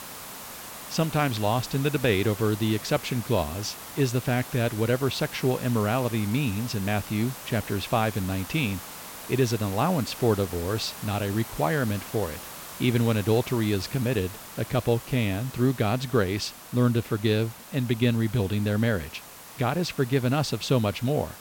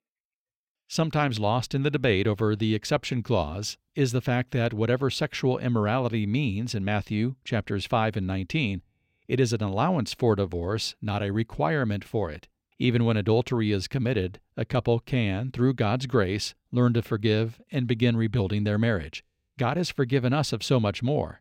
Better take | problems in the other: second | hiss; noticeable; throughout; 15 dB below the speech

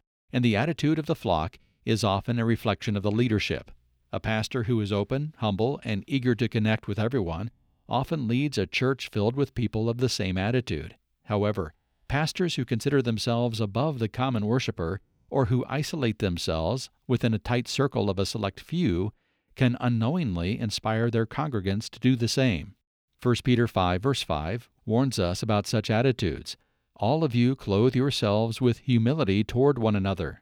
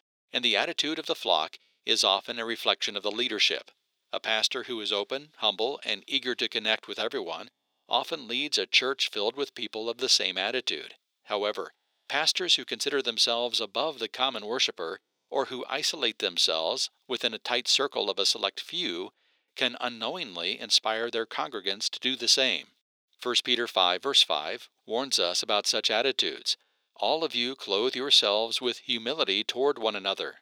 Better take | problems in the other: first | thin; very; fading below 400 Hz

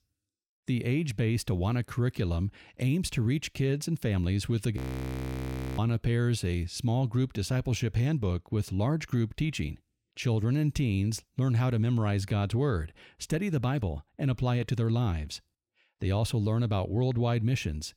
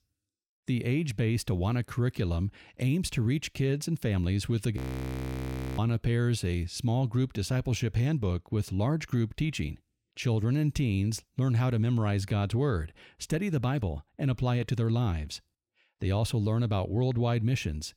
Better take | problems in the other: neither | audio freezing; at 5 s for 1 s; the same in both

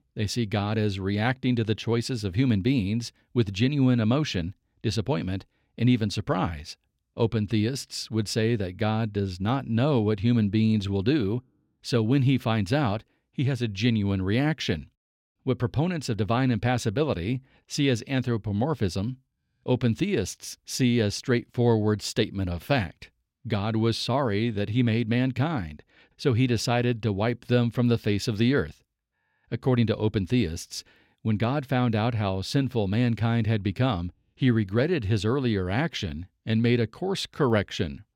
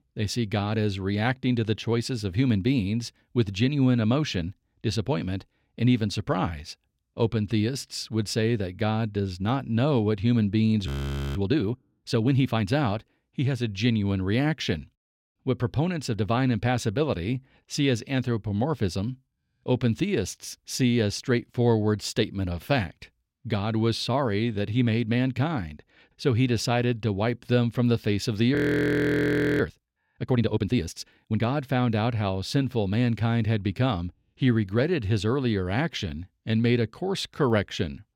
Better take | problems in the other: first | audio freezing; at 11 s and at 29 s for 1 s

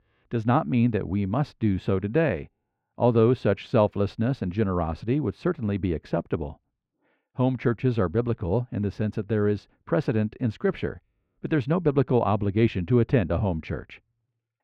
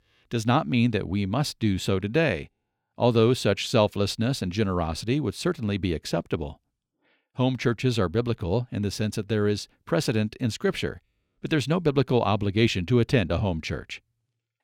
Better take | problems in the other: second | muffled; very; fading above 4 kHz

